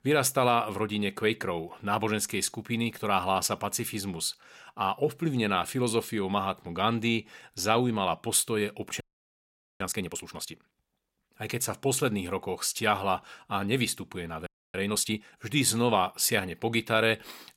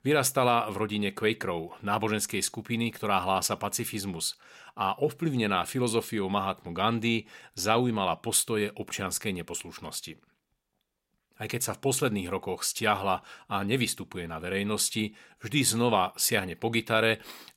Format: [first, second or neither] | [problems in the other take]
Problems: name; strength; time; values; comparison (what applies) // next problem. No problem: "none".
second | audio freezing; at 9 s for 1 s and at 14 s